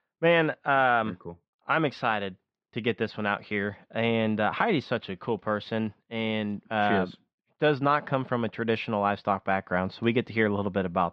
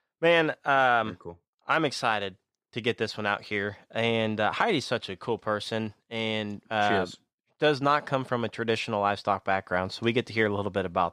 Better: second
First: muffled; slightly; fading above 3 kHz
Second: none

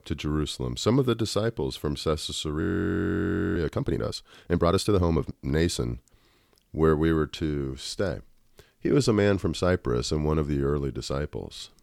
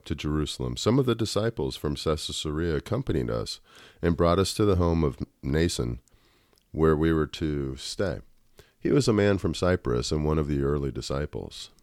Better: second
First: audio freezing; at 2.5 s for 1 s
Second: none

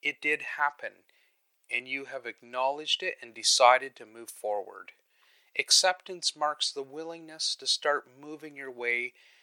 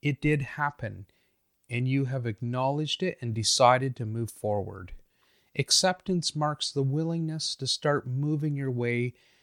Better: second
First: thin; very; fading below 500 Hz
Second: none

